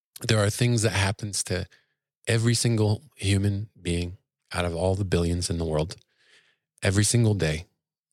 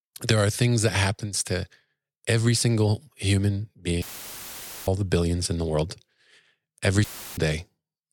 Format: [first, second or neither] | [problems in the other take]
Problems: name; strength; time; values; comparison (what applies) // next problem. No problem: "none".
first | audio cutting out; filled with static; at 4 s for 1 s and at 7 s